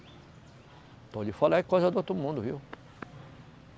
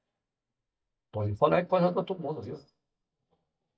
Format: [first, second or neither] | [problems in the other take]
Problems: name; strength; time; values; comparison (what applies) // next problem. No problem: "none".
first | noise reduction (neural mask model DeepFilterNet 3)